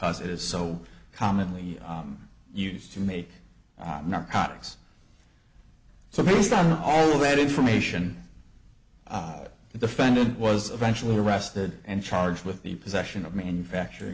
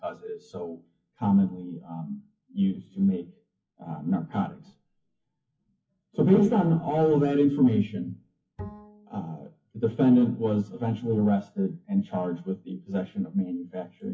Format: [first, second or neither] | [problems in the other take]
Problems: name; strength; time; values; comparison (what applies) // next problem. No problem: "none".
first | noise reduction (classical method WPE with log-MMSE)